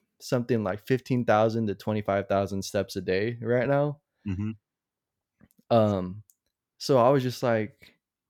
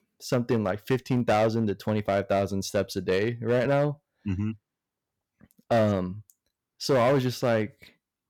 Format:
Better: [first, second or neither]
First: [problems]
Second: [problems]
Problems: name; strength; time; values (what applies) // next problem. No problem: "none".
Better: first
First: none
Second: distortion; slight; 5% of the sound clipped